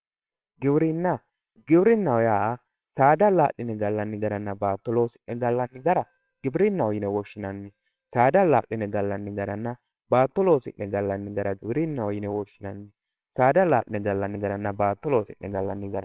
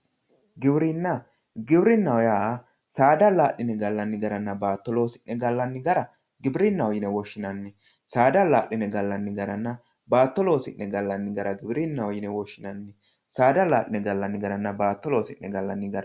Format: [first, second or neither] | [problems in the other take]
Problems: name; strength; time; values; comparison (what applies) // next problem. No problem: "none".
second | noise reduction (neural separator model SepFormer WHAMR!)